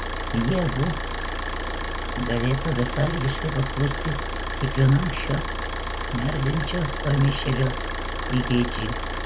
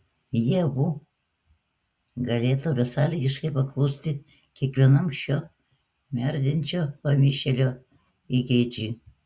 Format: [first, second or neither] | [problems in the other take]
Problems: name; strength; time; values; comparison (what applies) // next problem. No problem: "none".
second | background sound (Idling / Car); 2 dB below the speech